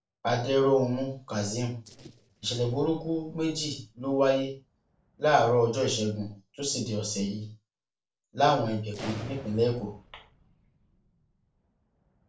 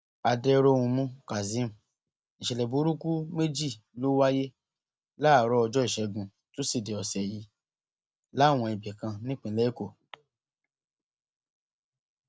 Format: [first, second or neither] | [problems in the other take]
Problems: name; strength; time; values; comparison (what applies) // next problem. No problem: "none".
second | noise reduction (neural separator model SepFormer DNS4)